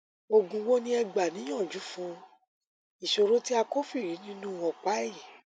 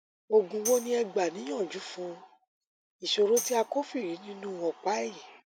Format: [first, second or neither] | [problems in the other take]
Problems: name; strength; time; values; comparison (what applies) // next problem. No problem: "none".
first | background sound (Tambourine); 11 dB below the speech